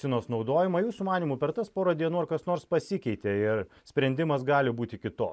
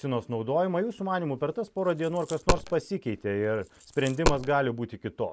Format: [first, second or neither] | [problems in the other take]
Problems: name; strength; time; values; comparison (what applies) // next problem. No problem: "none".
first | background sound (Coin (dropping)); 3 dB below the speech